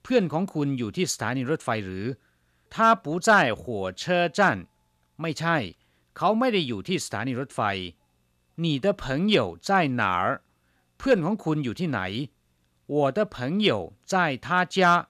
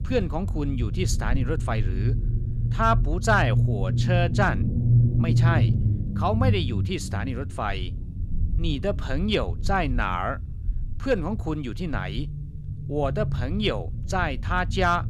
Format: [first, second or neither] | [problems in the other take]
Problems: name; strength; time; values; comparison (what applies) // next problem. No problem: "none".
first | low rumble; noticeable; throughout; 10 dB below the speech